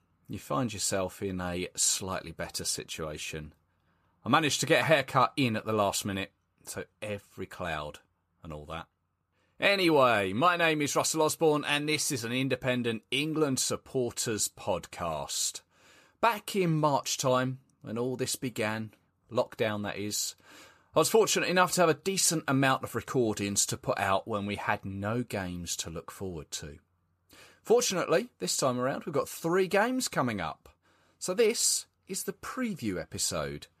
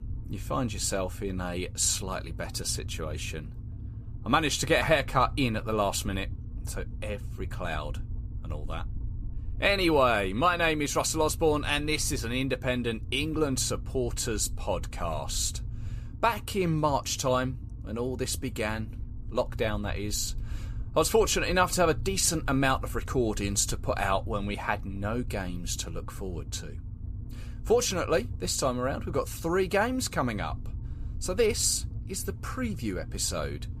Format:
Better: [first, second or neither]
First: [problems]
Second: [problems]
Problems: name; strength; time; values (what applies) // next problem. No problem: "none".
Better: first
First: none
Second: low rumble; faint; throughout; 25 dB below the speech